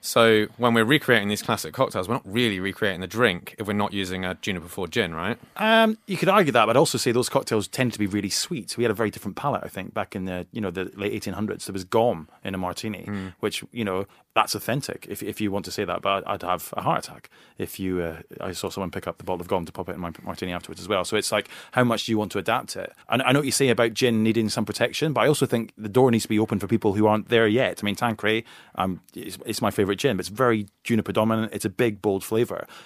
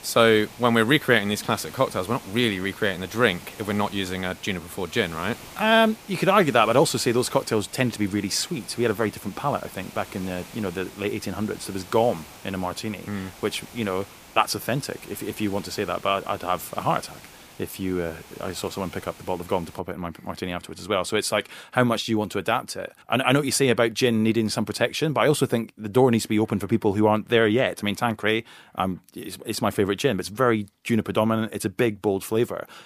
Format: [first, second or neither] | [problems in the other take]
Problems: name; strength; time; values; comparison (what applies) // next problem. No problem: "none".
first | hiss; noticeable; until 20 s; 20 dB below the speech